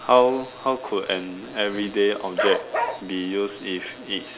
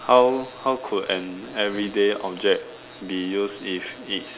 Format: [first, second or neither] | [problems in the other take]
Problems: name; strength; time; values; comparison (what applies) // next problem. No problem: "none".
second | background sound (Bark); 4 dB below the speech